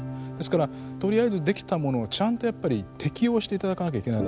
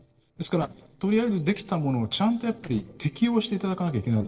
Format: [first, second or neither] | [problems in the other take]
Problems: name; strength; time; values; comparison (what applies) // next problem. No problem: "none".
first | noise reduction (neural separator model SepFormer DNS4)